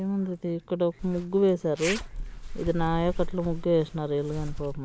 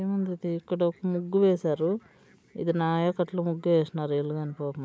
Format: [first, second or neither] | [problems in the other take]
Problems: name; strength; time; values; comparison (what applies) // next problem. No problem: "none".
second | background sound (Zipper (clothing)); 8 dB below the speech